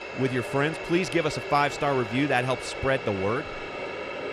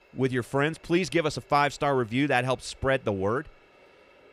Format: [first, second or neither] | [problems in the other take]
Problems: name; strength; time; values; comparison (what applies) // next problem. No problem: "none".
second | household noises; loud; throughout; 8 dB below the speech; faint in the second